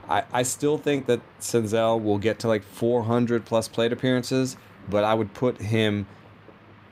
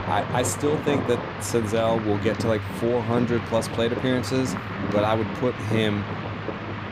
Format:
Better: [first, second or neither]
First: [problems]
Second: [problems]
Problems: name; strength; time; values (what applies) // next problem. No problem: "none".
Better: first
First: rain or running water; faint; throughout; 25 dB below the speech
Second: rain or running water; loud; throughout; 5 dB below the speech